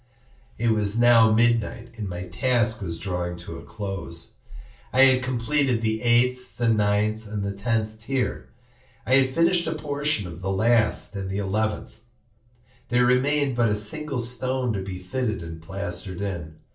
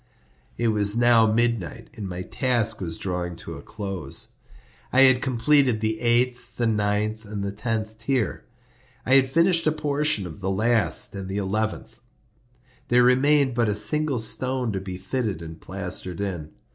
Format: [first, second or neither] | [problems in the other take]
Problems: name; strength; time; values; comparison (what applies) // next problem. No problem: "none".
second | room echo; dies away in 0.3 s